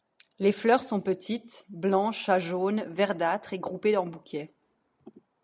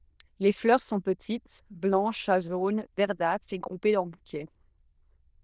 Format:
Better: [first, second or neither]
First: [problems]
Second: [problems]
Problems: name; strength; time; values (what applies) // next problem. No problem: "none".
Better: first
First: none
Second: noise reduction (neural diffusion model UNIVERSE++)